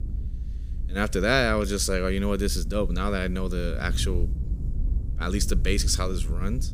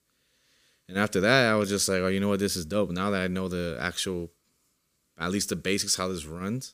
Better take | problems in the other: second | low rumble; faint; throughout; 20 dB below the speech

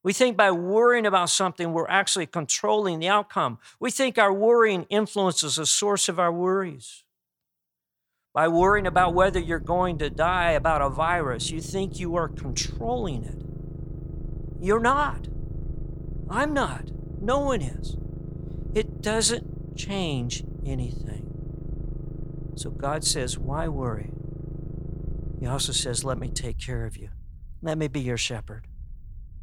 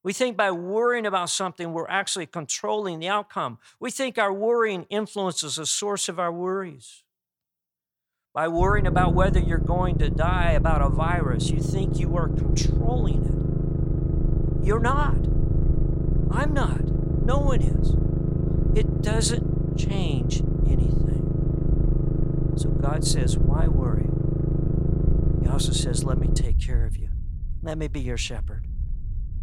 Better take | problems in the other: first | low rumble; loud; from 8.5 s on; 7 dB below the speech; faint in the first

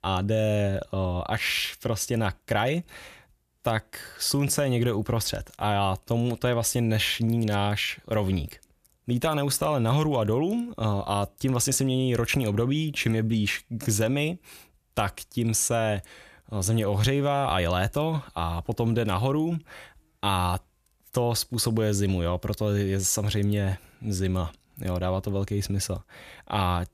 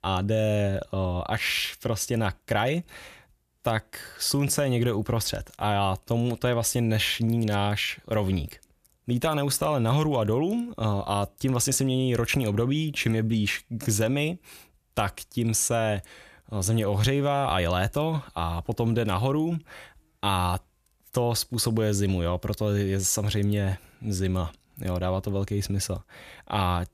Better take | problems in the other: neither | none

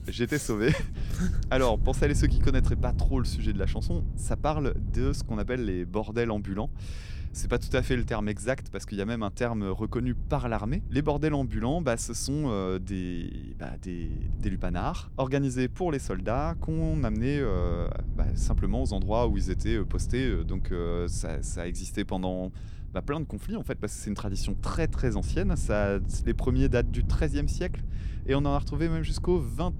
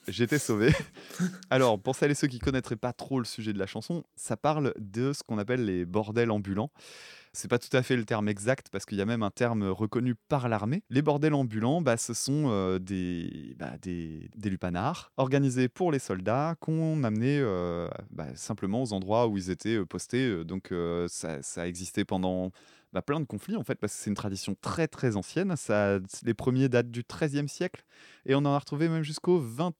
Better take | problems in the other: second | wind noise on the microphone; occasional gusts; 15 dB below the speech

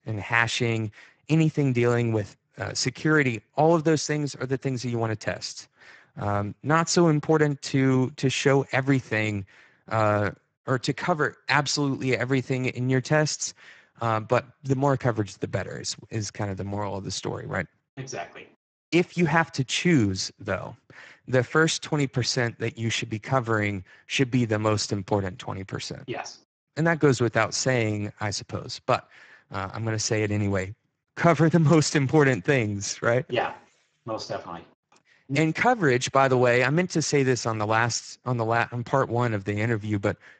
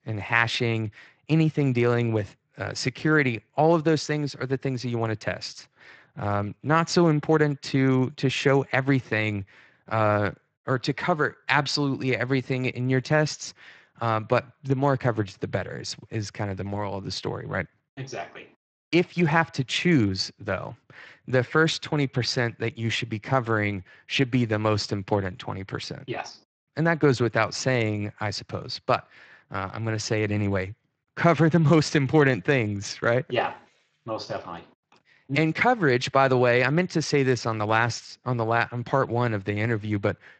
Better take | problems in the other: second | garbled, watery; badly; nothing above 7.5 kHz; slightly in the second

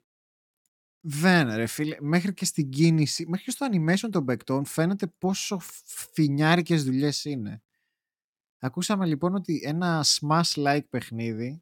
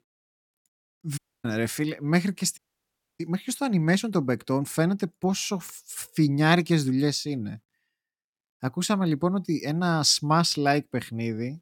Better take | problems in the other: first | audio cutting out; at 1 s and at 2.5 s for 0.5 s

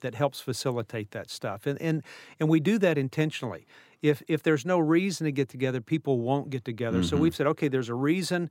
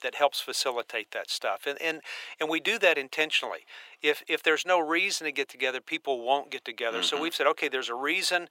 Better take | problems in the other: first | thin; very; fading below 550 Hz

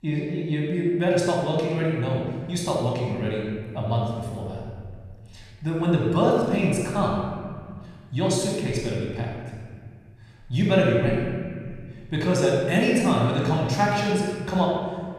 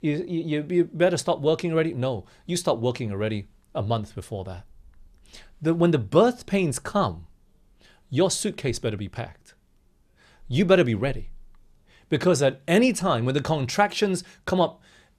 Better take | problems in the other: second | off-mic speech; somewhat distant // room echo; noticeable; dies away in 1.7 s

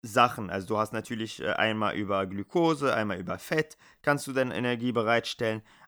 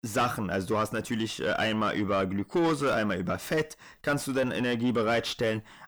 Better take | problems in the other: first | distortion; heavy; 6 dB below the speech

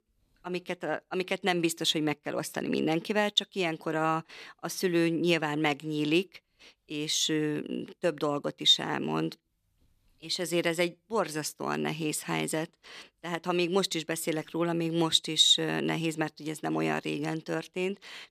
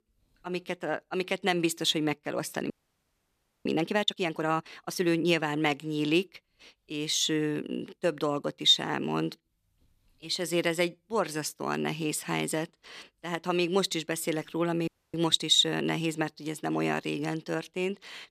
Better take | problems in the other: first | audio freezing; at 2.5 s for 1 s and at 15 s

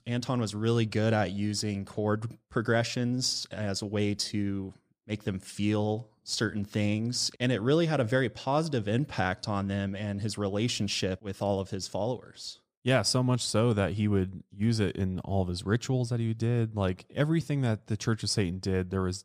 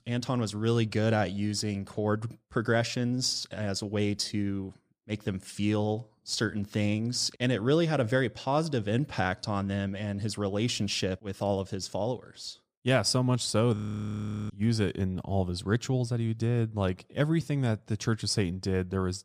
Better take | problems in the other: first | audio freezing; at 14 s for 0.5 s

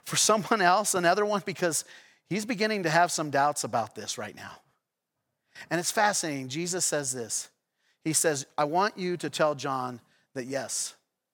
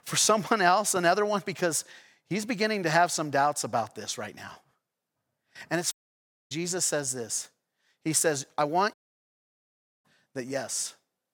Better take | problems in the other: first | audio cutting out; at 6 s for 0.5 s and at 9 s for 1 s

